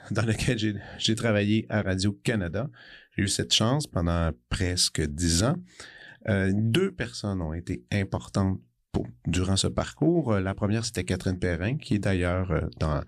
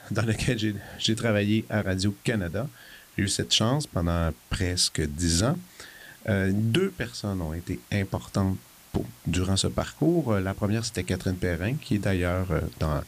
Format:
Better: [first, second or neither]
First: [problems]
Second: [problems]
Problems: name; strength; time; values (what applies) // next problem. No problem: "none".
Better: first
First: none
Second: hiss; faint; throughout; 25 dB below the speech